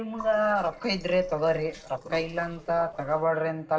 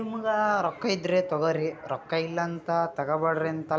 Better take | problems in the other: second | noise reduction (neural separator model SepFormer DNS4)

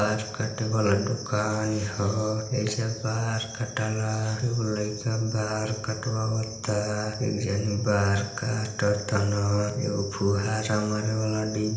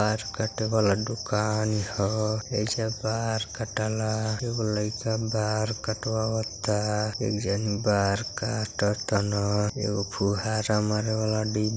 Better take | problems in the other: second | room echo; dies away in 0.9 s

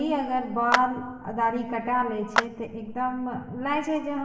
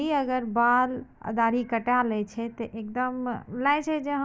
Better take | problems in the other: second | background sound (Clapping); 5 dB below the speech // room echo; dies away in 1.1 s

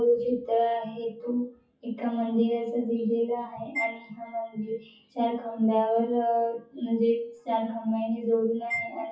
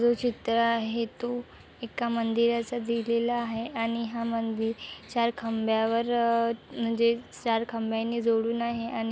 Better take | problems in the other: second | noise reduction (classical method WPE with log-MMSE)

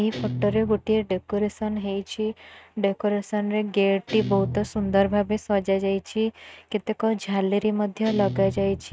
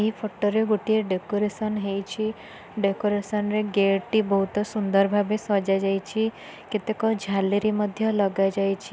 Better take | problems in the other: second | noise reduction (neural mask model RNNoise)

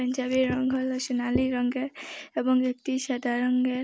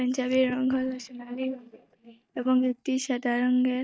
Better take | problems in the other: first | noise reduction (neural mask model DeepFilterNet 3)

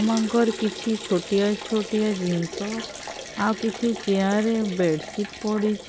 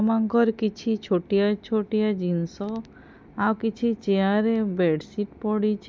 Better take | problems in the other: second | background sound (Liquid); 12 dB below the speech

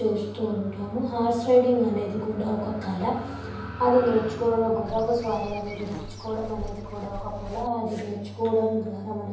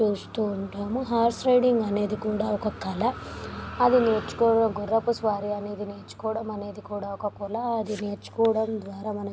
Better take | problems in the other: second | background sound (Walk, footsteps / Insect); 14 dB below the speech // room echo; dies away in 0.9 s

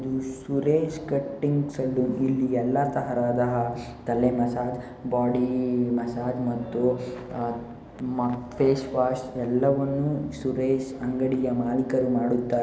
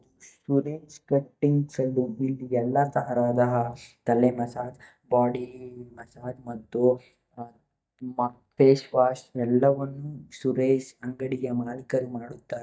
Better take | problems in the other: first | noise reduction (neural mask model DeepFilterNet 3)

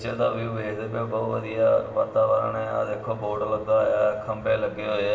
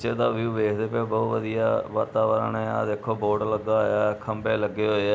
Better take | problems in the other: second | room echo; dies away in 1.1 s

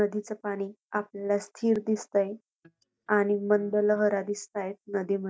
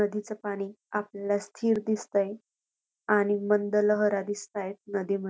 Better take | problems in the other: second | noise reduction (neural mask model DeepFilterNet 3)

